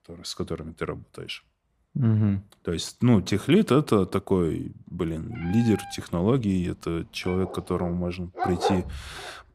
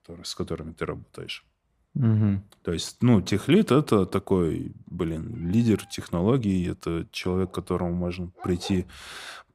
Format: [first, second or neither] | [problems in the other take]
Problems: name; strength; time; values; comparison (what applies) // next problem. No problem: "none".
second | animal sounds; loud; from 5 s on; 9 dB below the speech; faint in the second